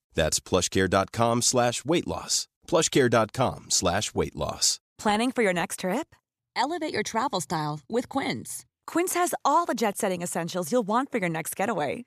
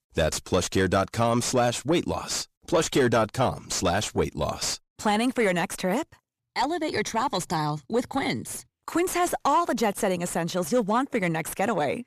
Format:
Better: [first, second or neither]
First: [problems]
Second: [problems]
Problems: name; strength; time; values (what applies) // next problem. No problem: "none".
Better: first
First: none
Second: distortion; slight; 10 dB below the speech